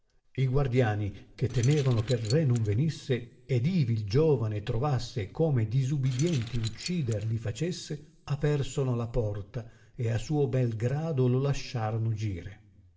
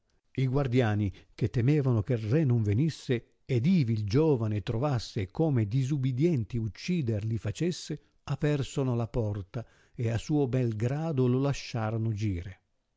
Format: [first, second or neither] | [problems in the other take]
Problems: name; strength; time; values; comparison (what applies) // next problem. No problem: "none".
second | background sound (Keys jangling); 16 dB below the speech // room echo; dies away in 0.6 s